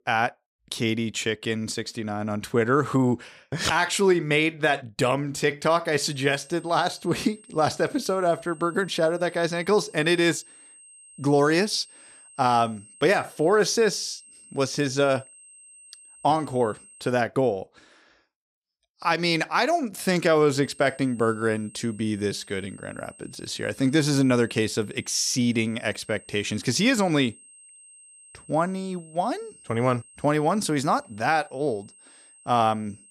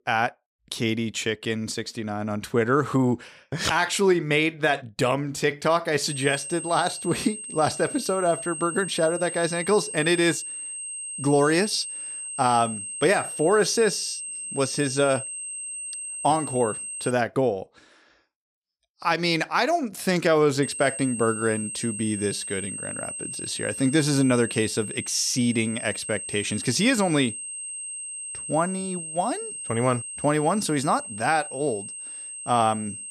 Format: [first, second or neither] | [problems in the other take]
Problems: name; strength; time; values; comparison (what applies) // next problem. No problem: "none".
first | high-pitched whine; loud; from 6 to 17 s and from 21 s on; 8.5 kHz, 8 dB below the speech; faint in the first